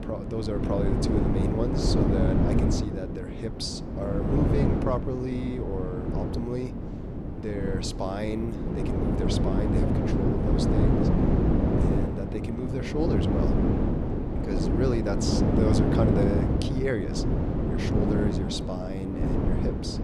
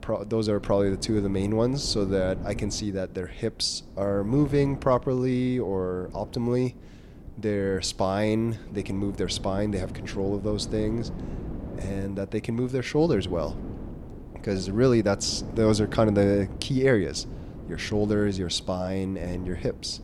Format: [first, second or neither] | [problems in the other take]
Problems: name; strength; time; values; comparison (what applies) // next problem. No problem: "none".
second | wind noise on the microphone; heavy; 2 dB above the speech; occasional gusts in the second